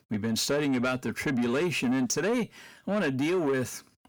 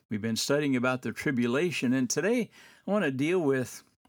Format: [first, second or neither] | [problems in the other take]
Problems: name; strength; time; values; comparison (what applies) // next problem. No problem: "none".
second | distortion; slight; 10 dB below the speech